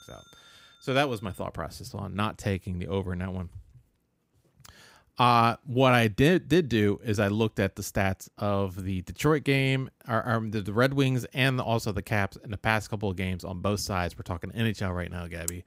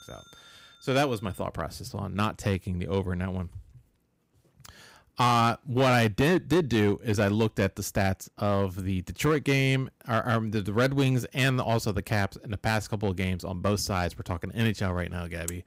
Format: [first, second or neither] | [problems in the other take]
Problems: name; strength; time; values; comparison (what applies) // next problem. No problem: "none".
first | distortion; slight; 4% of the sound clipped